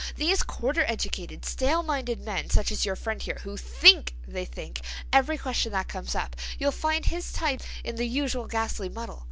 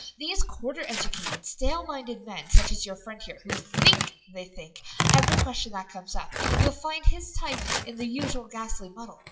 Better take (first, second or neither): first